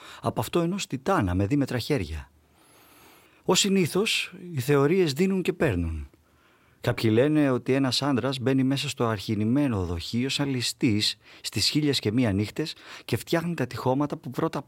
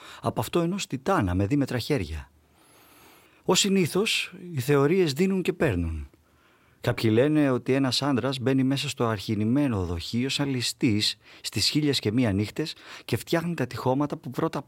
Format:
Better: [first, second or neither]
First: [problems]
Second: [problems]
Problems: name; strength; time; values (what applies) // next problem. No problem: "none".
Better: neither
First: none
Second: none